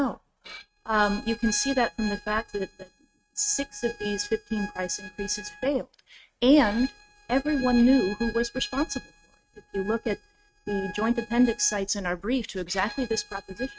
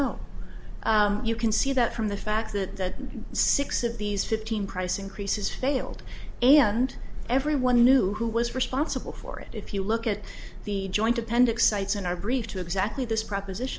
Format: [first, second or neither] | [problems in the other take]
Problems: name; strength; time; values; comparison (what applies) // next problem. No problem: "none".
second | noise reduction (neural mask model RNNoise)